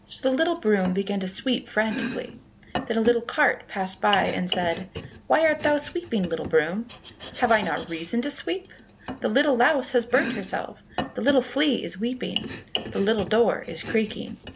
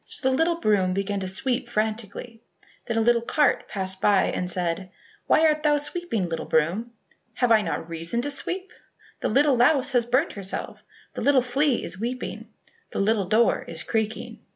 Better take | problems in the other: second | background sound (Domestic sounds, home sounds); 12 dB below the speech

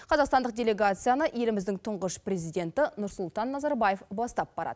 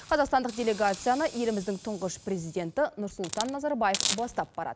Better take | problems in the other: first | background sound (Hiss); 10 dB below the speech

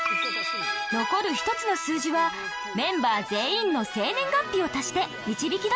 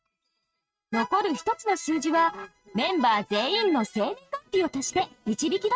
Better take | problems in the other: first | noise reduction (neural mask model RNNoise)

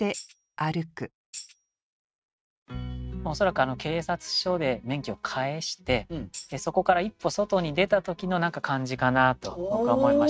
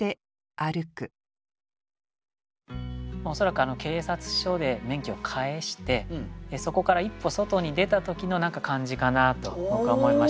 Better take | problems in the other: second | noise reduction (neural mask model RNNoise)

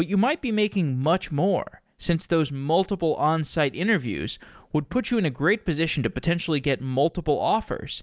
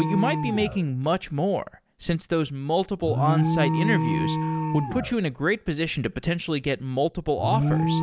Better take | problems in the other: first | background sound (Alarm); 2 dB below the speech

